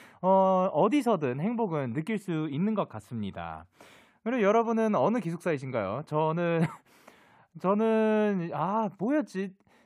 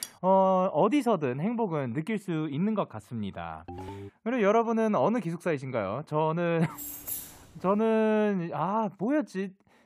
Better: first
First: none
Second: clattering dishes; faint; at the start; peak 15 dB below the speech // phone ringing; faint; at 3.5 s; peak 15 dB below the speech // jangling keys; noticeable; at 6.5 s; peak 7 dB below the speech

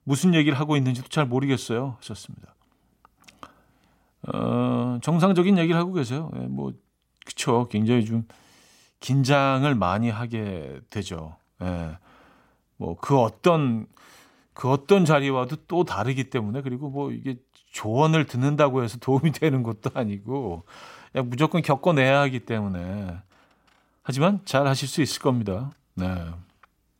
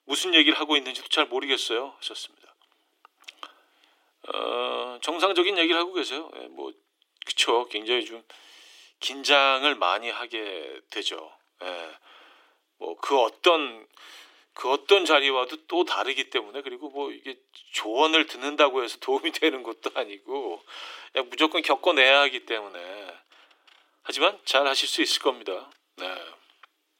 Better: first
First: none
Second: thin; very; fading below 300 Hz

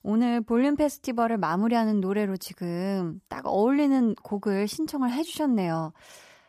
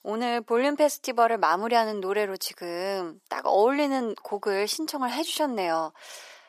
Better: first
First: none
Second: thin; somewhat; fading below 400 Hz

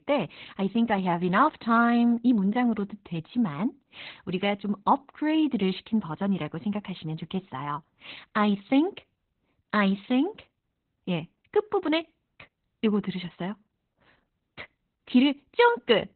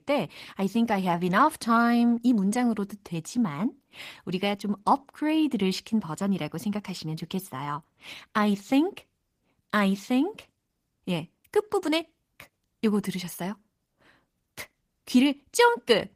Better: second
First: garbled, watery; badly; nothing above 4 kHz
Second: garbled, watery; slightly; nothing above 15 kHz

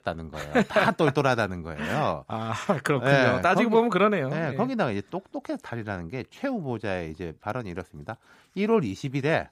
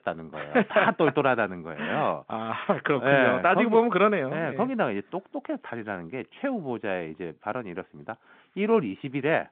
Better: first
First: none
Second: phone-call audio

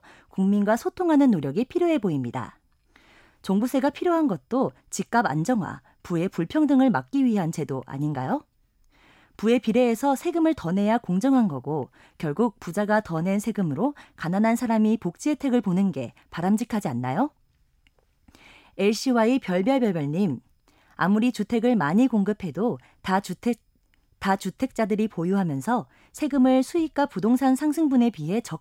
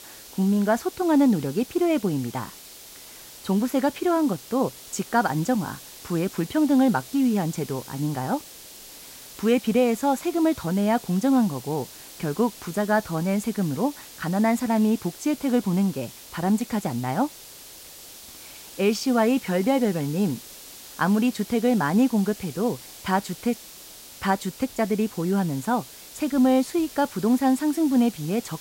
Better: first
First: none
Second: hiss; noticeable; throughout; 15 dB below the speech

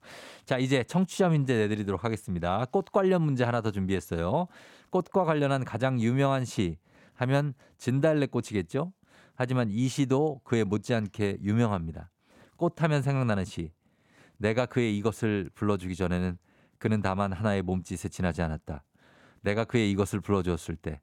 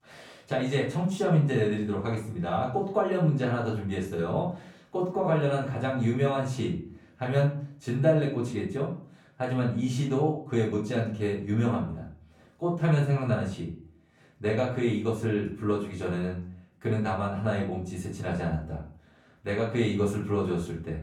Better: first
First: none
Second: off-mic speech; far // room echo; slight; dies away in 0.4 s

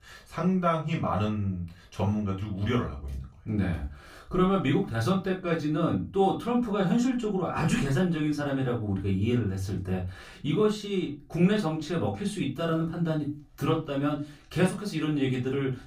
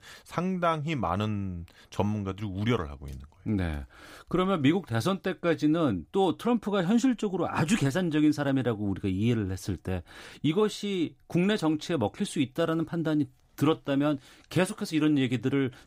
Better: second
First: off-mic speech; far // room echo; very slight; dies away in 0.2 s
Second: none

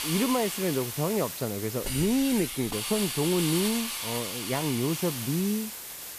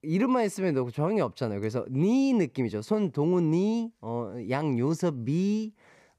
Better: second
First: hiss; loud; throughout; 3 dB below the speech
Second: none

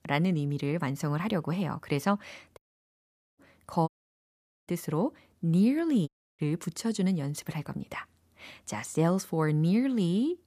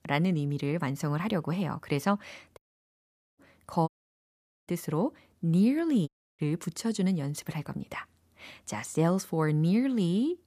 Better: neither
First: audio cutting out; at 2.5 s for 1 s, at 4 s for 1 s and at 6 s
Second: audio cutting out; at 2.5 s for 1 s, at 4 s for 1 s and at 6 s

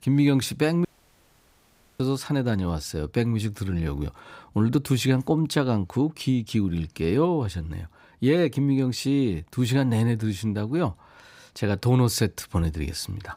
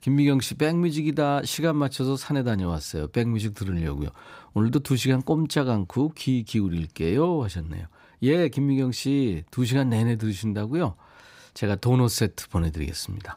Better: second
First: audio cutting out; at 1 s for 1 s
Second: none

